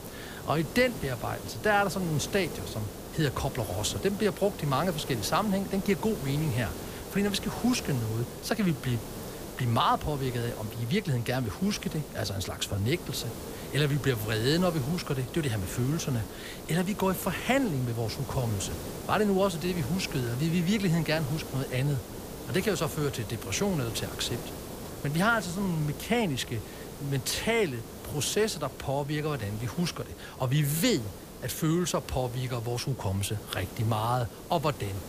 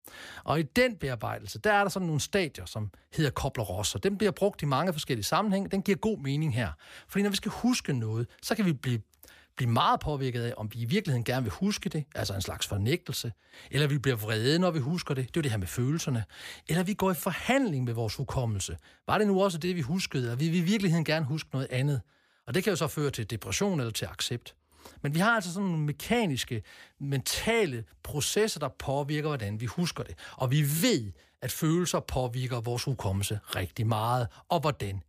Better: second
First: hiss; noticeable; throughout; 10 dB below the speech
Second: none

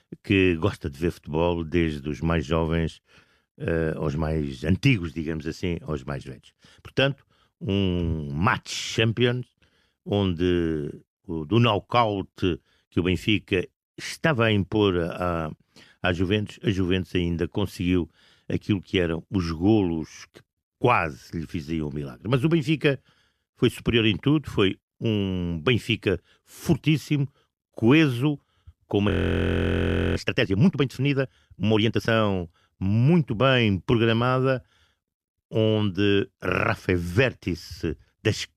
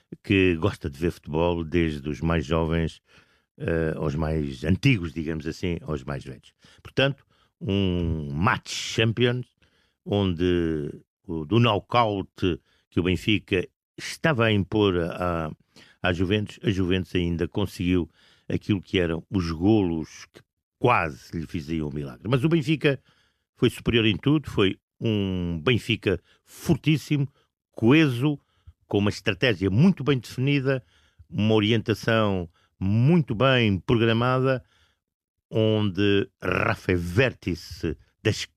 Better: second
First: audio freezing; at 29 s for 1 s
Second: none

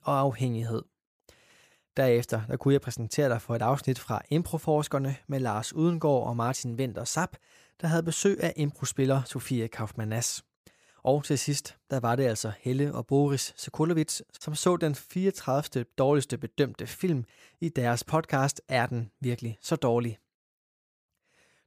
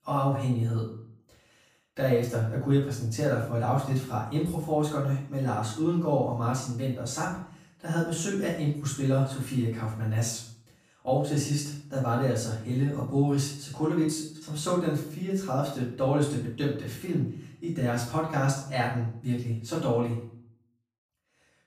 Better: first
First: none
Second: off-mic speech; far // room echo; noticeable; dies away in 0.5 s

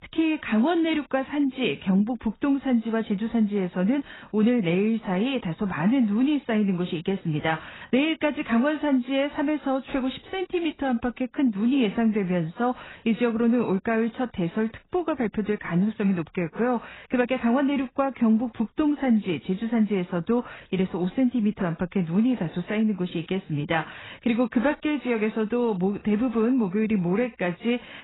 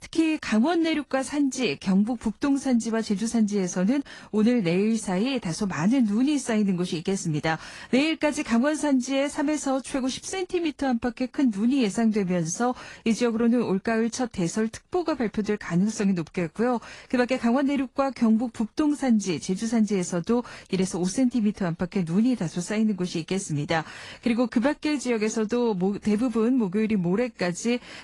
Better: second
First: garbled, watery; badly; nothing above 4 kHz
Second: garbled, watery; slightly

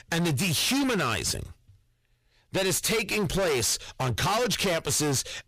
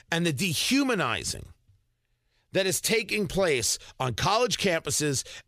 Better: second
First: distortion; heavy; 26% of the sound clipped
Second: none

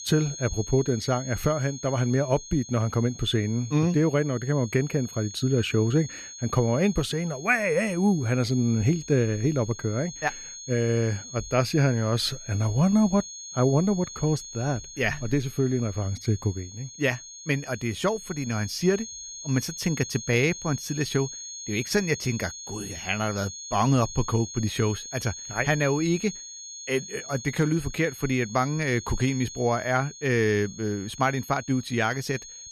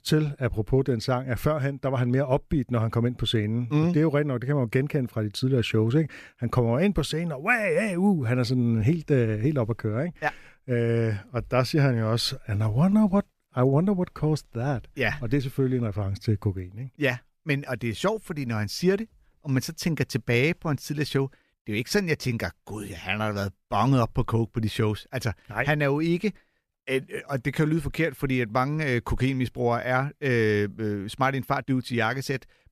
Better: second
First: high-pitched whine; noticeable; throughout; 6.5 kHz, 10 dB below the speech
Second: none

